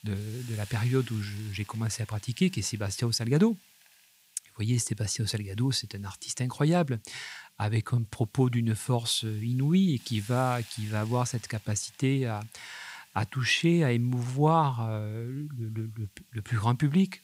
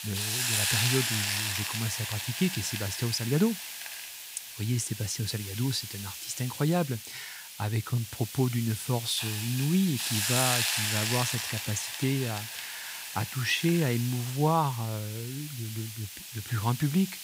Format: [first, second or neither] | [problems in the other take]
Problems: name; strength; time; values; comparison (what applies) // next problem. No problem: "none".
first | hiss; loud; throughout; 2 dB below the speech; faint in the first